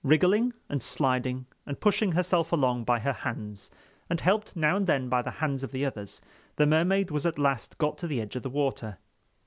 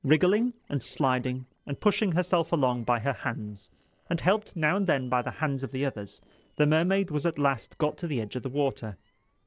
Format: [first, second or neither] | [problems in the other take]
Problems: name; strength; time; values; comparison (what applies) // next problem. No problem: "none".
first | noise reduction (neural separator model SepFormer DNS4)